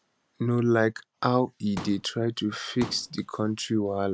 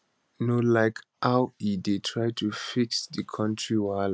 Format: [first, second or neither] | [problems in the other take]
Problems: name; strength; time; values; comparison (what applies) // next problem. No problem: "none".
second | background sound (Explosion); 16 dB below the speech